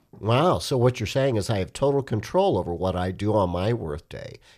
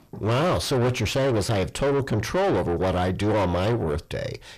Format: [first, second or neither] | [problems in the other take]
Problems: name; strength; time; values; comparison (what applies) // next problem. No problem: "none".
first | distortion; heavy; 6 dB below the speech